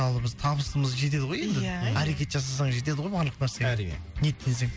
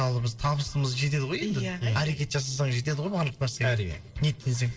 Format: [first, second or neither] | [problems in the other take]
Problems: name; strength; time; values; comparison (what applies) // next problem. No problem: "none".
first | noise reduction (neural separator model SepFormer DNS4)